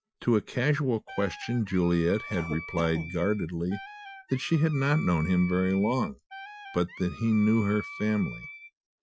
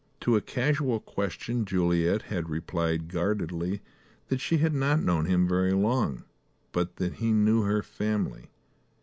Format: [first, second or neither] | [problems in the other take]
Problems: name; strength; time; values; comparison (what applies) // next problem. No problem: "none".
second | noise reduction (classical method Wiener filter)